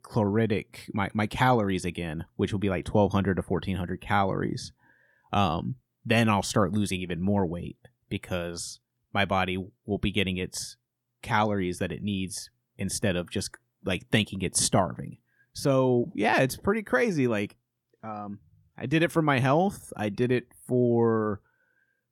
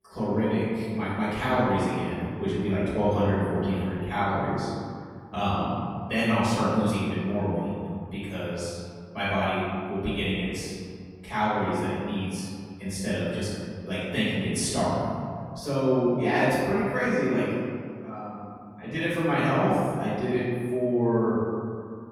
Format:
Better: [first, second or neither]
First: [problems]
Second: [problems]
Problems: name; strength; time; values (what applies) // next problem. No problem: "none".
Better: first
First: none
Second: off-mic speech; far // room echo; strong; dies away in 2 s